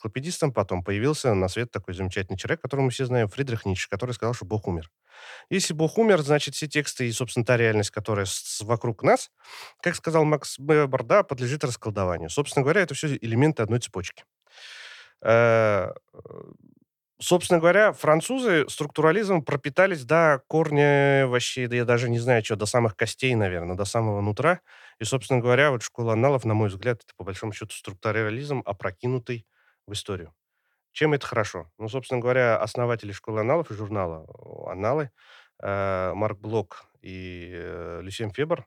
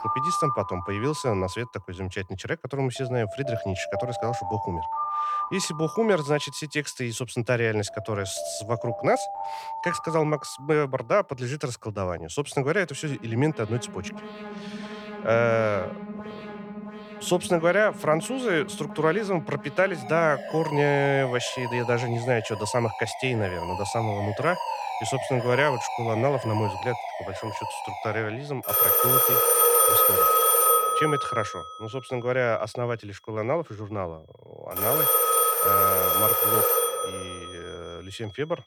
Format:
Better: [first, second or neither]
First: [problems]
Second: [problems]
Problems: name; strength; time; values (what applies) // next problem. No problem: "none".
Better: first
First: none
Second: alarms or sirens; very loud; throughout; 3 dB above the speech